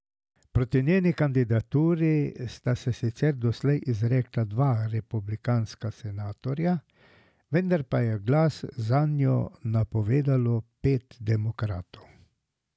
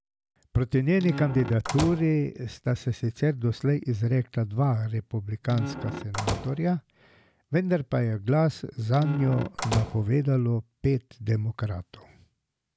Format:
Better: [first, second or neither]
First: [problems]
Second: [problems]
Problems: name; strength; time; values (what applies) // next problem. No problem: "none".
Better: first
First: none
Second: background sound (Squeak / Slam / Wood); 8 dB below the speech